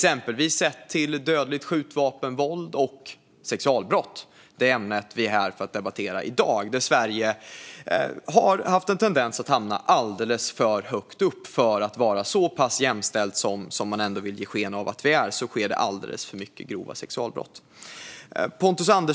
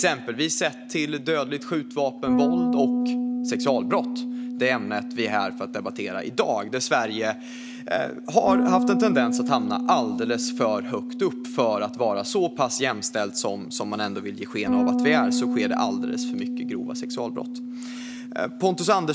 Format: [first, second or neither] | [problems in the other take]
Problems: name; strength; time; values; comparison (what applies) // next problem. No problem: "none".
first | background sound (Bass guitar); 2 dB below the speech